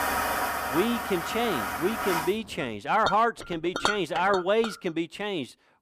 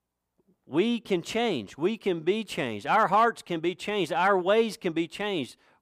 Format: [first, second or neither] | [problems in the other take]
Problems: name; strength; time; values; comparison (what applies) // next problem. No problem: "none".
second | household noises; loud; until 4 s; 3 dB below the speech